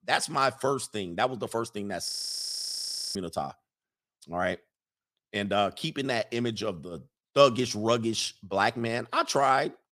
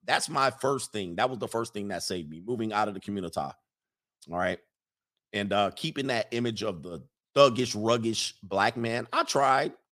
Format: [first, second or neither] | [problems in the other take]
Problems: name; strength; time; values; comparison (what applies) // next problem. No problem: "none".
second | audio freezing; at 2 s for 1 s